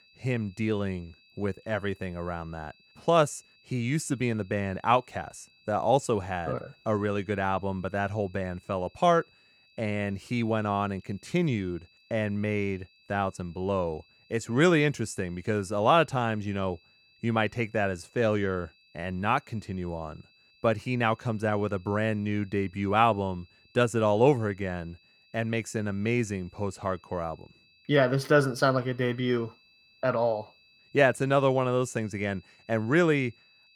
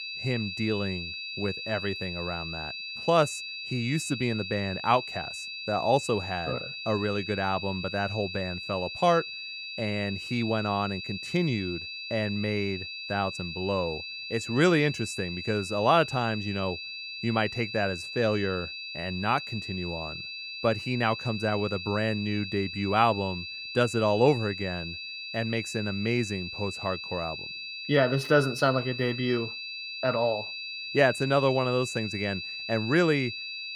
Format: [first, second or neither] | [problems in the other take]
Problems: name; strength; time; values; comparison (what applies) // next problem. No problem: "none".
first | high-pitched whine; loud; throughout; 2.5 kHz, 7 dB below the speech; faint in the first